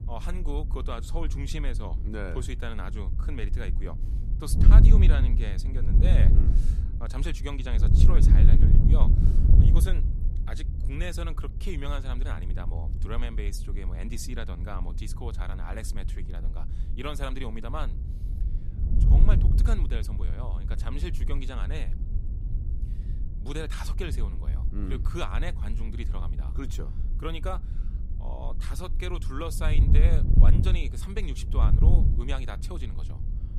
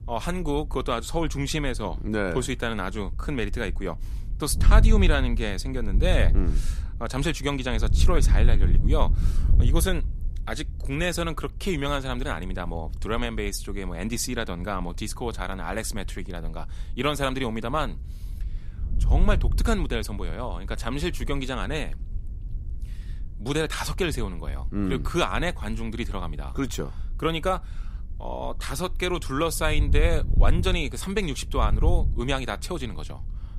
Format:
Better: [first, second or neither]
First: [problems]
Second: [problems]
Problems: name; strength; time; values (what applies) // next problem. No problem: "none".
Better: second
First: wind noise on the microphone; heavy; 4 dB below the speech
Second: wind noise on the microphone; occasional gusts; 20 dB below the speech